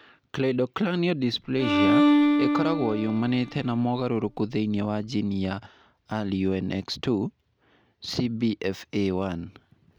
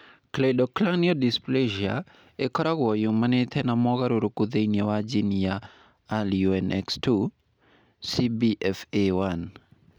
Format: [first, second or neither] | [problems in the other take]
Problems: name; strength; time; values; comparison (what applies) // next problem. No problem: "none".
second | background sound (Bowed string instrument); 2 dB above the speech